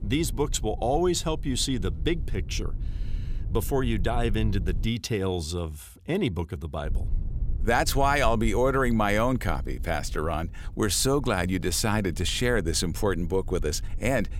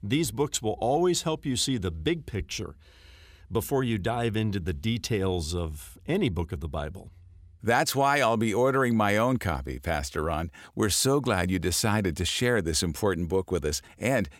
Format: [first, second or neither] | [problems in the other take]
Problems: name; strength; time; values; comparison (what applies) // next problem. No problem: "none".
second | low rumble; faint; until 5 s and from 7 s on; 25 dB below the speech